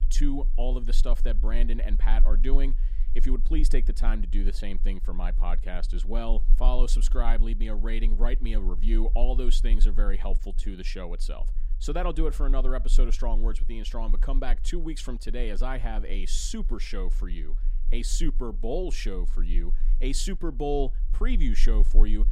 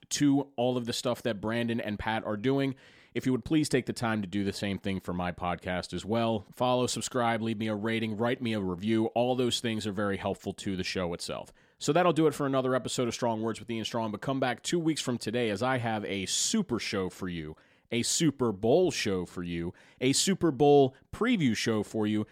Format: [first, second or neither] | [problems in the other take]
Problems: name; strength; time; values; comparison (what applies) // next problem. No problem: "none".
second | low rumble; faint; throughout; 20 dB below the speech